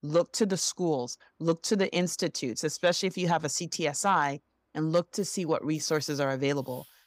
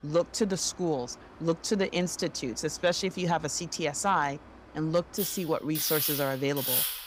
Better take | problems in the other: first | machinery noise; loud; throughout; 1 dB below the speech; faint in the first

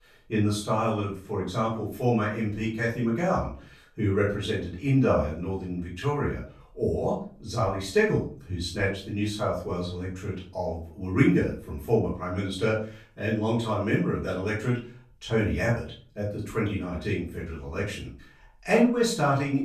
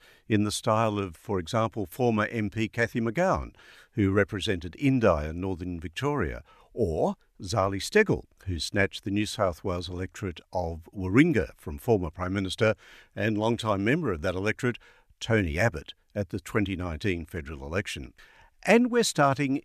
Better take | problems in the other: second | room echo; noticeable; dies away in 0.4 s // off-mic speech; far

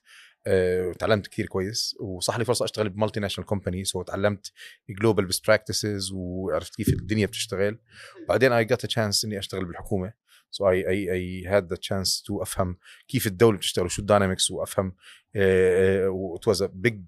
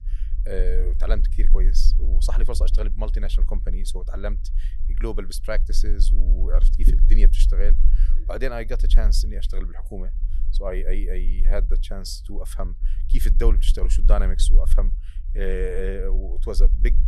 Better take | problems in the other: first | low rumble; noticeable; throughout; 15 dB below the speech

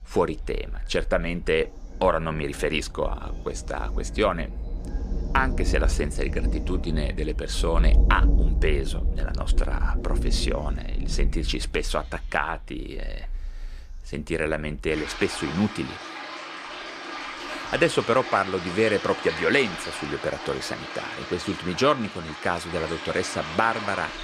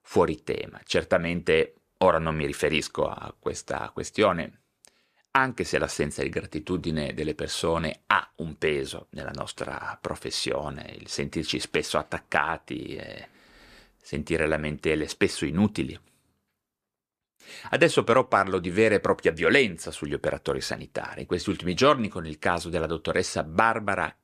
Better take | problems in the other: second | rain or running water; loud; throughout; 4 dB below the speech

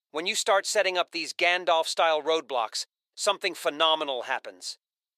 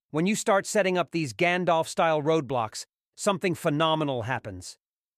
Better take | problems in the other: second | thin; very; fading below 450 Hz

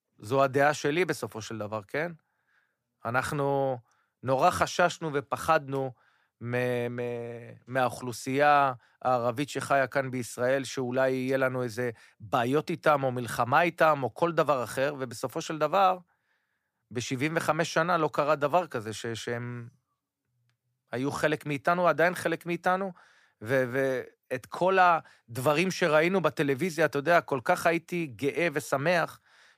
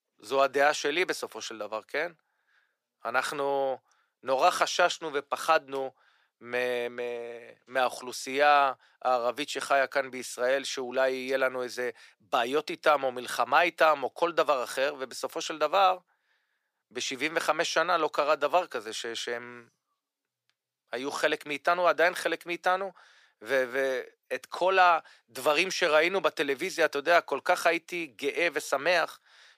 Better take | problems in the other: first | thin; somewhat; fading below 450 Hz

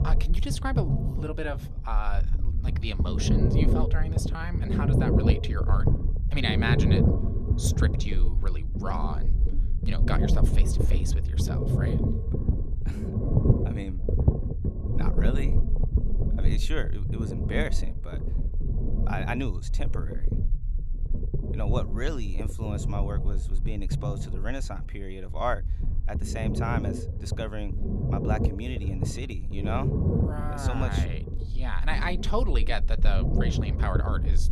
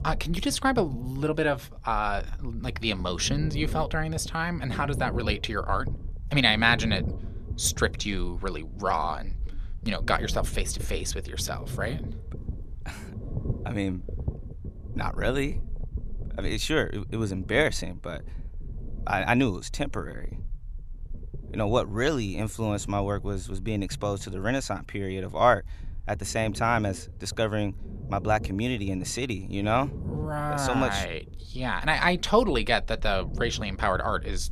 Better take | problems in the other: second | low rumble; loud; throughout; 3 dB below the speech; faint in the second

